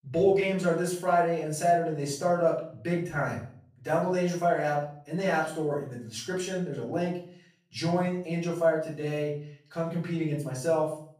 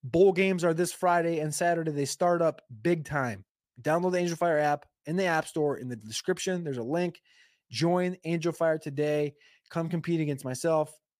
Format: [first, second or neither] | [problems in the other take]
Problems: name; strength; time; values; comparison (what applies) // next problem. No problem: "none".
second | off-mic speech; far // room echo; noticeable; dies away in 0.5 s